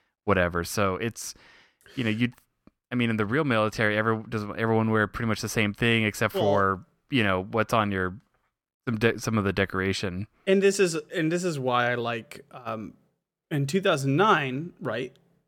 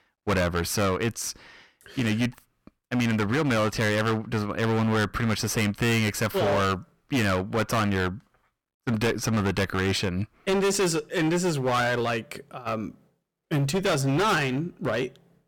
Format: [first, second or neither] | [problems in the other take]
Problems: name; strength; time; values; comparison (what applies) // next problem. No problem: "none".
first | distortion; heavy; 17% of the sound clipped